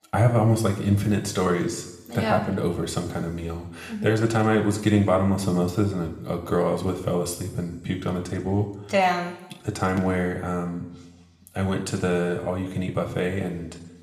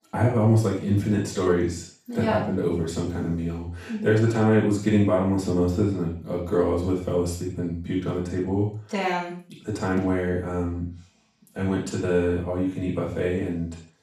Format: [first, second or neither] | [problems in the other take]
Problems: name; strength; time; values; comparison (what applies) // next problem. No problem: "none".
first | room echo; strong; dies away in 0.4 s; slight in the first // off-mic speech; far